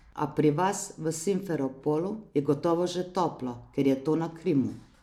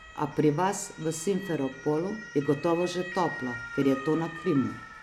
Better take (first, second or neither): first